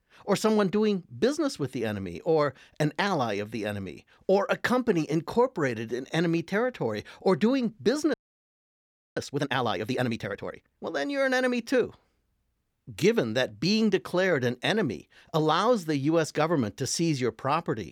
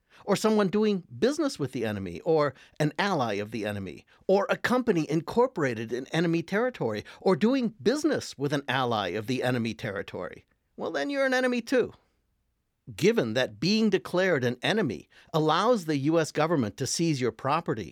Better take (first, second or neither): second